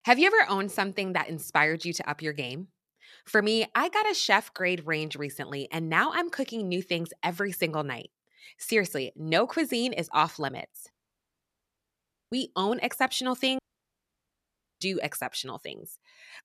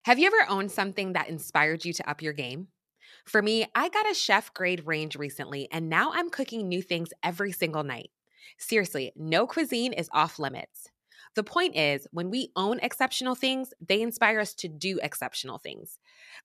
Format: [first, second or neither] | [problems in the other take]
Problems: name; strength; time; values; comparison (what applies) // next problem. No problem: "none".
second | audio cutting out; at 11 s for 1.5 s and at 14 s for 1 s